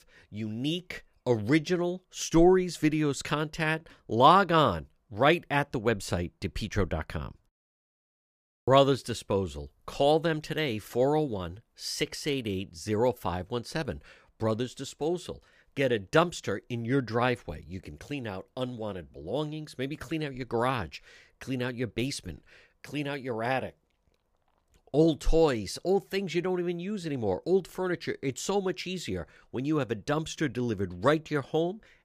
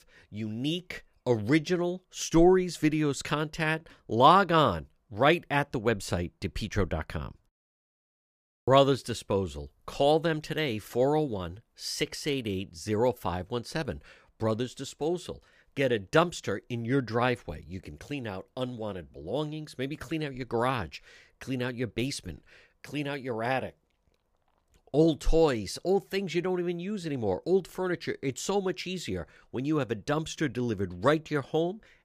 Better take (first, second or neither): neither